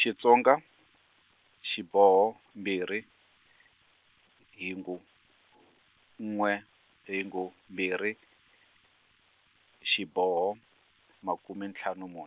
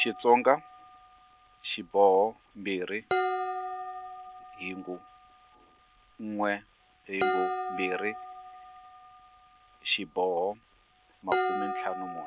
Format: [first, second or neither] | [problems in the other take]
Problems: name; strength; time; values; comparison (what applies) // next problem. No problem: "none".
first | background sound (Dishes, pots, and pans); 5 dB below the speech